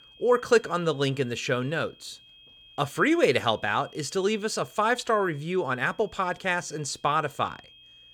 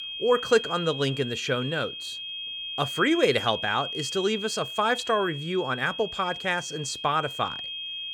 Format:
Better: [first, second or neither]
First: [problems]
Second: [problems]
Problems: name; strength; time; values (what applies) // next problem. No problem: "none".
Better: first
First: high-pitched whine; faint; throughout; 3 kHz, 25 dB below the speech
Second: high-pitched whine; loud; throughout; 3 kHz, 7 dB below the speech